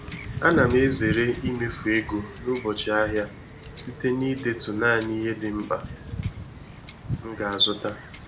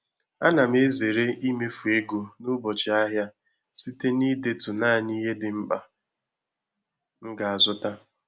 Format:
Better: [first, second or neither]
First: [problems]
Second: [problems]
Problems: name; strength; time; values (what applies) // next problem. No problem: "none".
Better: second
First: background sound (Wind / Ocean / Boat, Water vehicle); 9 dB below the speech // room echo; dies away in 0.3 s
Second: none